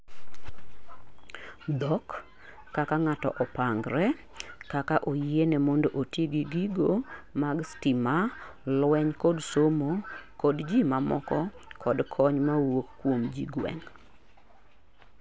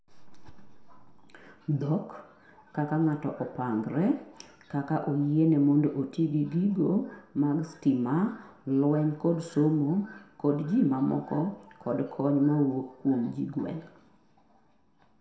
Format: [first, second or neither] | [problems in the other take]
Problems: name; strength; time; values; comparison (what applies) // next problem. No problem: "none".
first | room echo; dies away in 0.5 s